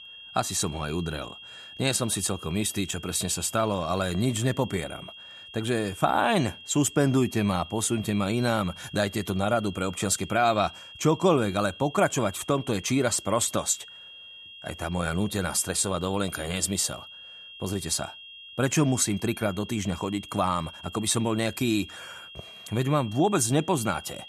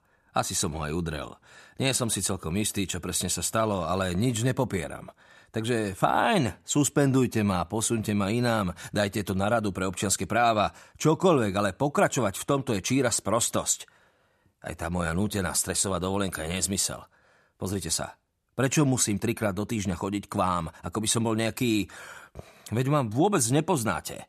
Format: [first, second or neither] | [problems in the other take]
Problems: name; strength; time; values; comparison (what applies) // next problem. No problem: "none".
second | high-pitched whine; noticeable; throughout; 3.5 kHz, 15 dB below the speech